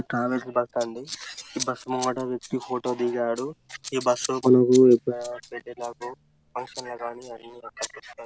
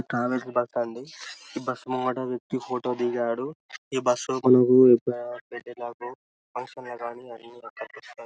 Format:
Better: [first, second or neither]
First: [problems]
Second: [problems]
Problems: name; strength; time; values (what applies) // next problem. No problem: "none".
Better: second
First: background sound (Scissors); 17 dB below the speech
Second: none